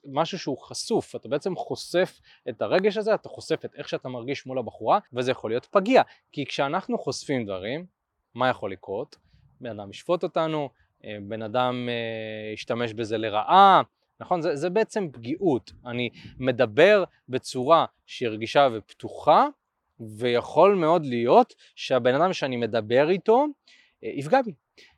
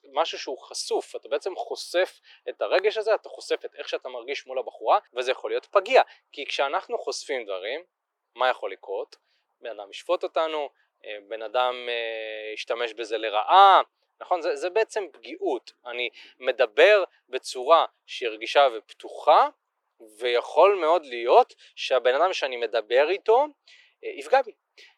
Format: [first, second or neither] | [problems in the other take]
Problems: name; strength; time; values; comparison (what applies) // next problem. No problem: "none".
first | thin; very; fading below 400 Hz